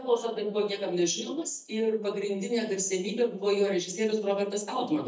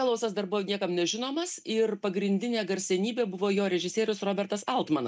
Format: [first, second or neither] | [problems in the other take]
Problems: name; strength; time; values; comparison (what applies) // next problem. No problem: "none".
second | noise reduction (neural mask model DeepFilterNet 3)